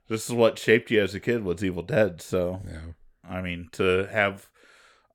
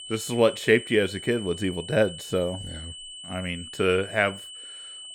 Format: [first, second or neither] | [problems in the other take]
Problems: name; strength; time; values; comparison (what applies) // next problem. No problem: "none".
first | high-pitched whine; noticeable; throughout; 3 kHz, 15 dB below the speech